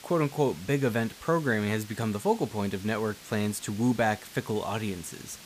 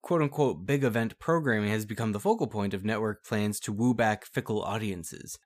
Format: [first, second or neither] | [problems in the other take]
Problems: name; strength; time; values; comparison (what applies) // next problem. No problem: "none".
second | hiss; noticeable; throughout; 15 dB below the speech